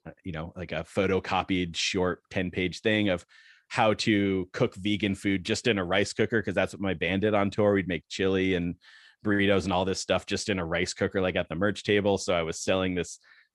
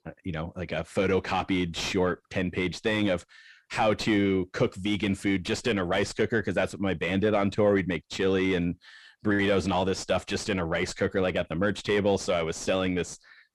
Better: first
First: none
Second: distortion; slight; 10 dB below the speech

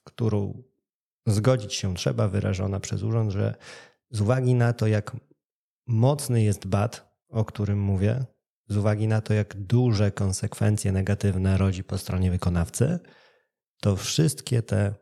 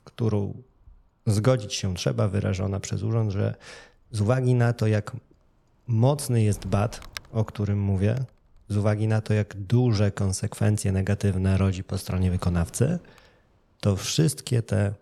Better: first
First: none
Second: wind noise on the microphone; occasional gusts; 20 dB below the speech

